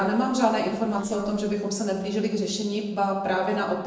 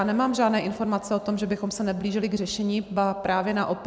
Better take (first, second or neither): second